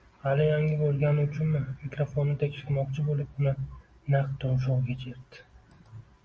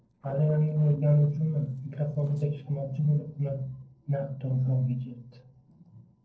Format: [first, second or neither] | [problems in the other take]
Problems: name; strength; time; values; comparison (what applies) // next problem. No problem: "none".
first | noise reduction (neural separator model SepFormer DNS4)